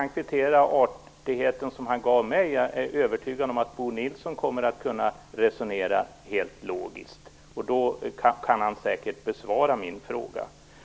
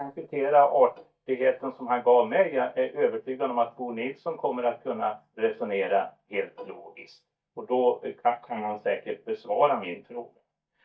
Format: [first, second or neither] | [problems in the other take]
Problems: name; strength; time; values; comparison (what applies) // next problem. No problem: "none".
first | noise reduction (neural mask model DeepFilterNet 3)